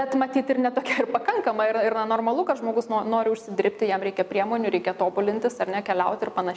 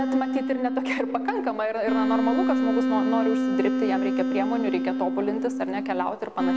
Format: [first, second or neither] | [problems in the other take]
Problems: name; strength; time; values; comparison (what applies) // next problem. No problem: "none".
first | background sound (Wind instrument, woodwind instrument); 2 dB above the speech